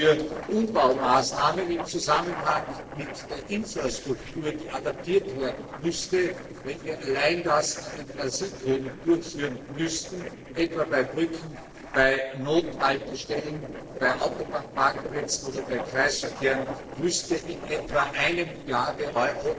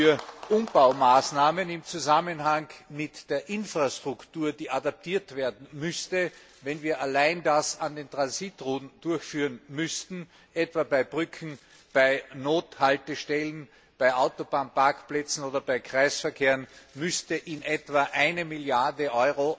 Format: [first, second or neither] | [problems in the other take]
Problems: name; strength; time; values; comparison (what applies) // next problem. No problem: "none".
second | noise reduction (neural separator model SepFormer DNS4)